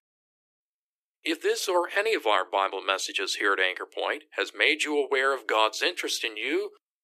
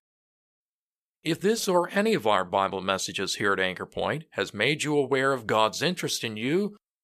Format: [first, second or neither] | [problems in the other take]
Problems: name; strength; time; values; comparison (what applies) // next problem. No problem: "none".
second | thin; very; fading below 300 Hz